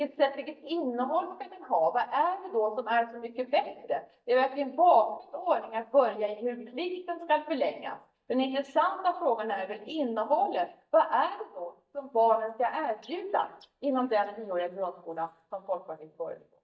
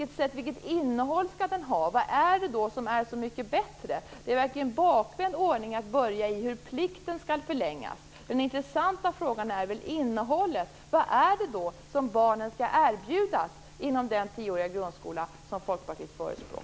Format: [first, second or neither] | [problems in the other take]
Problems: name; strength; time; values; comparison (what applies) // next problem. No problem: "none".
second | noise reduction (neural mask model DeepFilterNet 3)